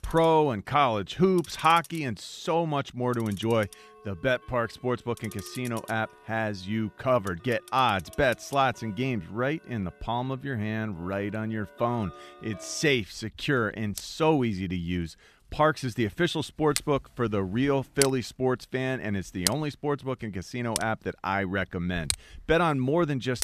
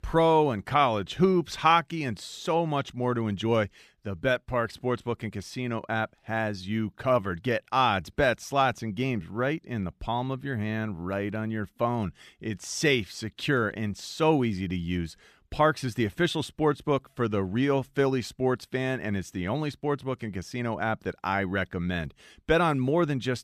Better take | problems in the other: second | household noises; loud; throughout; 9 dB below the speech

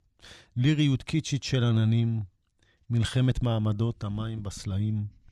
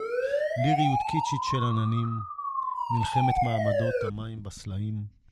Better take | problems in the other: first | siren; loud; until 4 s; peak 5 dB above the speech

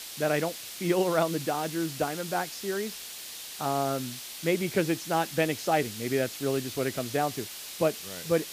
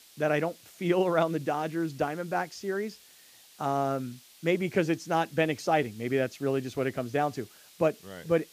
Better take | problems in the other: second | hiss; loud; throughout; 8 dB below the speech; faint in the second

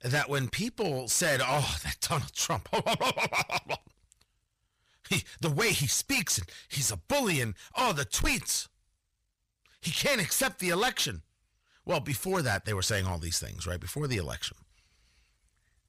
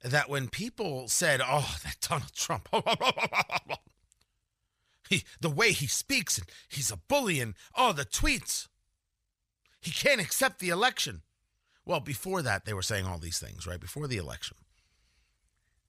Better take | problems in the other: second | distortion; heavy; 8% of the sound clipped

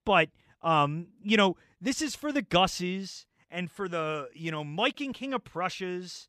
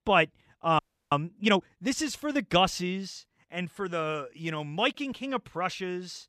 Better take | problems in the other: first | audio freezing; at 1 s

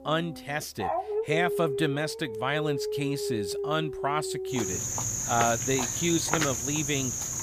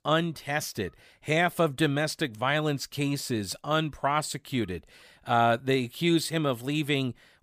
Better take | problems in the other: second | animal sounds; loud; throughout; as loud as the speech

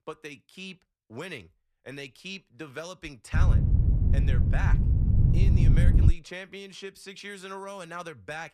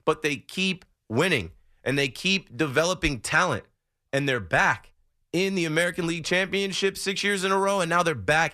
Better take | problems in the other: second | wind noise on the microphone; heavy; from 3.5 to 6 s; 1 dB above the speech

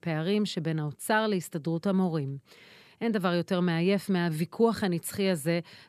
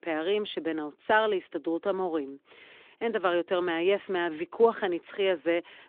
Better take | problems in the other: first | phone-call audio

